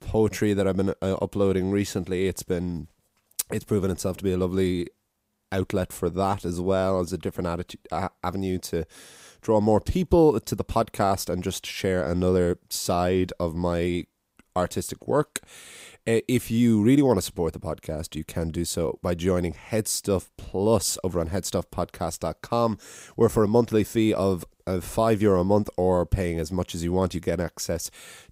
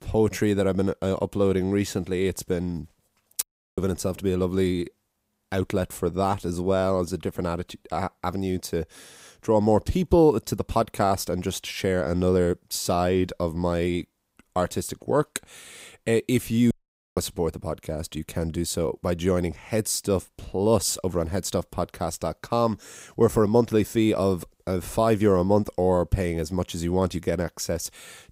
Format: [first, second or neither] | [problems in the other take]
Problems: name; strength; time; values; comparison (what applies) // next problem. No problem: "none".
first | audio cutting out; at 3.5 s and at 17 s